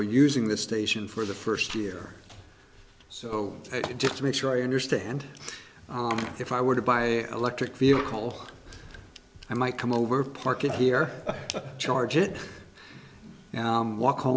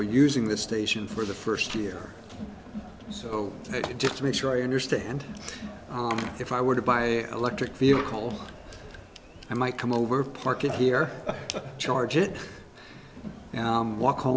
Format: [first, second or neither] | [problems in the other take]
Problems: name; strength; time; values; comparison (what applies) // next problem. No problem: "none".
first | background sound (Crowd); 15 dB below the speech